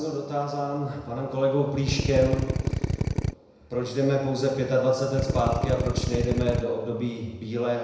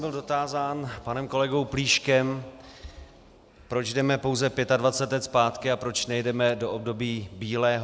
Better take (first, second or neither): second